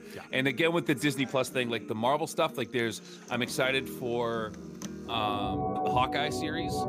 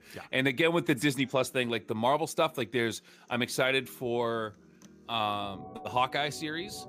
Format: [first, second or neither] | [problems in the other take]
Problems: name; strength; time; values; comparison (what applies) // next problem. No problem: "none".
second | background music; loud; throughout; 8 dB below the speech; faint in the second